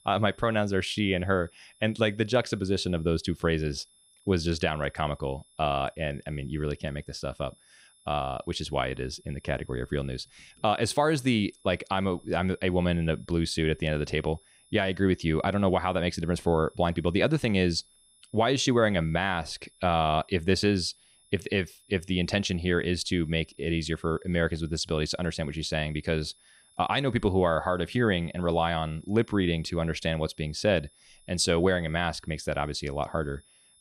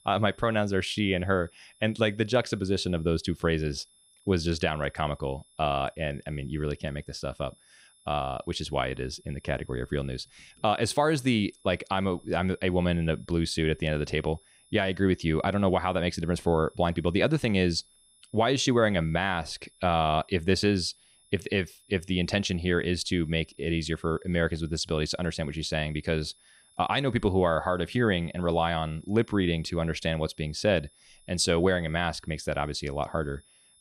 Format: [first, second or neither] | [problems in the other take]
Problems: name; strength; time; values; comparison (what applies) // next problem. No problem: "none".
neither | high-pitched whine; faint; throughout; 10.5 kHz, 30 dB below the speech; the same in both